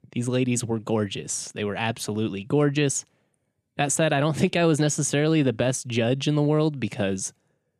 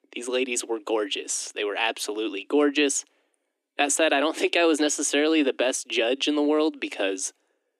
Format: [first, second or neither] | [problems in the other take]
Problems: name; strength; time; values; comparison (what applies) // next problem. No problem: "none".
first | thin; very slightly; fading below 300 Hz